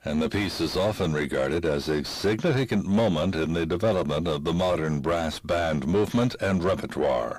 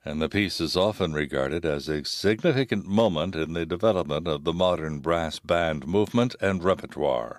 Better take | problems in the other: second | distortion; heavy; 6 dB below the speech

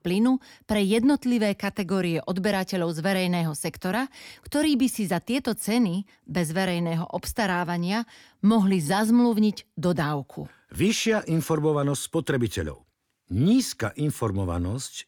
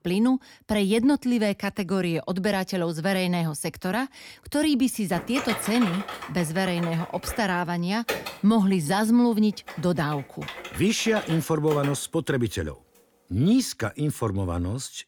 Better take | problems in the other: first | keyboard typing; noticeable; from 5 to 12 s; peak 5 dB below the speech

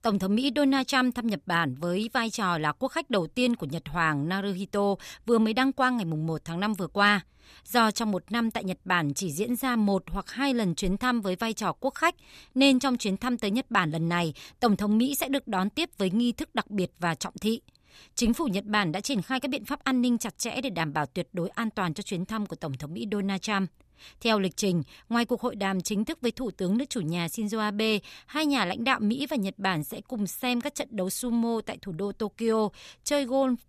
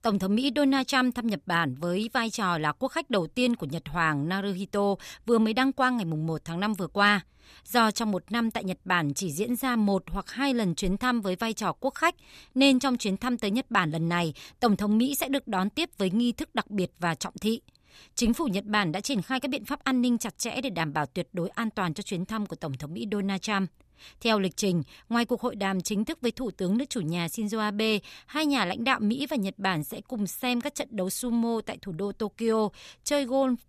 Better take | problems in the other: neither | none

